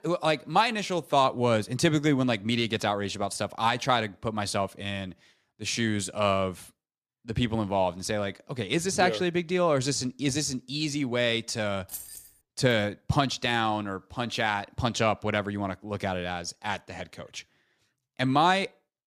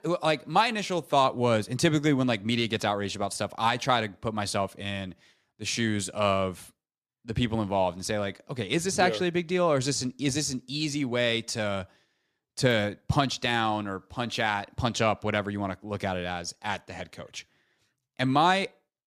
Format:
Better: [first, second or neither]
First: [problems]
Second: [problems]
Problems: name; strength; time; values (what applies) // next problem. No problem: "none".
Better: second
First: jangling keys; faint; at 12 s; peak 10 dB below the speech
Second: none